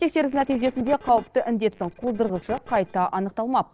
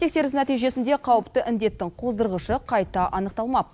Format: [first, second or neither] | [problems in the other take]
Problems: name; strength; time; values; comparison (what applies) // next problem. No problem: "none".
second | noise reduction (neural separator model SepFormer DNS4)